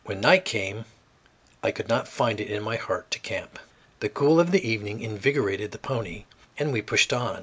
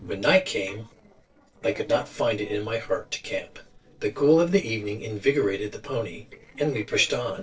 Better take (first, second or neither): first